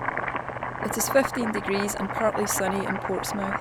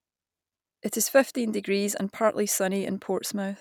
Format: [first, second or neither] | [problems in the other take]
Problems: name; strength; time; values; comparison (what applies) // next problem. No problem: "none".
second | background sound (Boiling); 2 dB below the speech